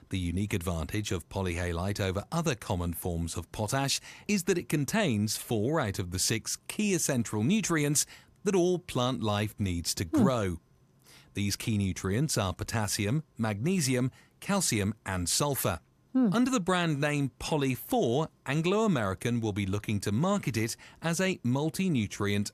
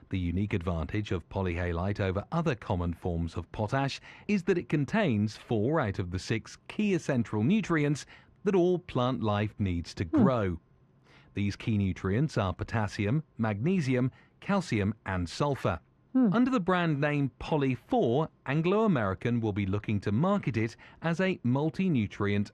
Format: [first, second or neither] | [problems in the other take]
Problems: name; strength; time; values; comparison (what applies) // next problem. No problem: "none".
first | muffled; slightly; fading above 2.5 kHz